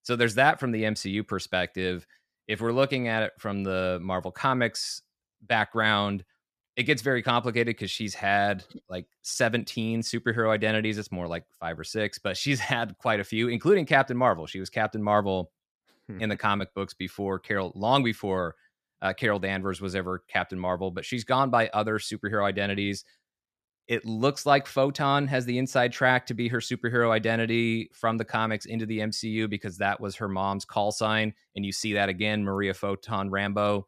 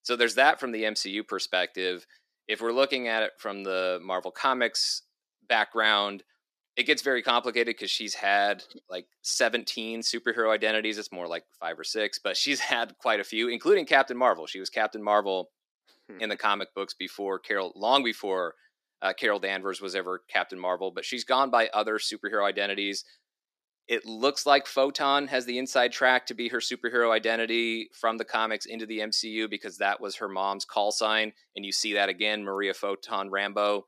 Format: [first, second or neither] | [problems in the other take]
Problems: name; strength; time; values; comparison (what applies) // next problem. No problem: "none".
first | thin; somewhat; fading below 300 Hz